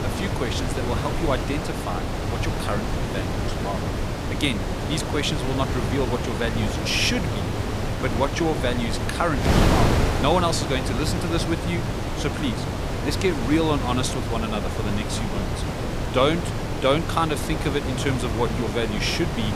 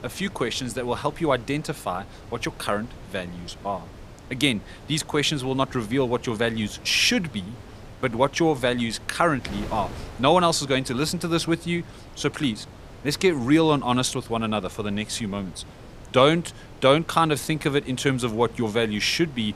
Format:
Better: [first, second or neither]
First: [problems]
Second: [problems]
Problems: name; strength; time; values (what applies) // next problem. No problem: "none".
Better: second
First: wind noise on the microphone; heavy; 3 dB below the speech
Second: wind noise on the microphone; occasional gusts; 20 dB below the speech